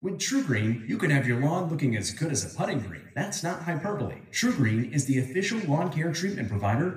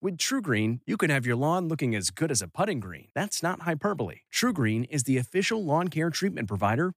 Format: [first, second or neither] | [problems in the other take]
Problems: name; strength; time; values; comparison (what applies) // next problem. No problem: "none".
second | room echo; slight; dies away in 0.7 s // off-mic speech; somewhat distant